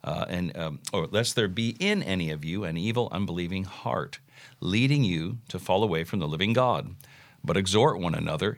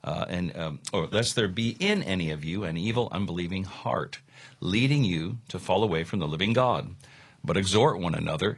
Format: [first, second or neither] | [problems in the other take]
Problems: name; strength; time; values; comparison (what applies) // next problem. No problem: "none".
first | garbled, watery; slightly; nothing above 10.5 kHz